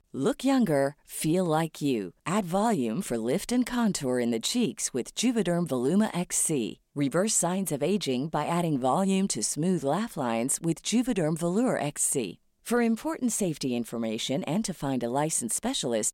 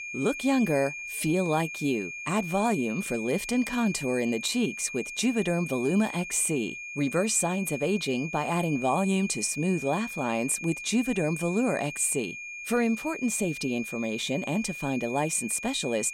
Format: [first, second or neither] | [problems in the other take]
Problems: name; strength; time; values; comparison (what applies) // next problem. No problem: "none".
first | high-pitched whine; loud; throughout; 2.5 kHz, 8 dB below the speech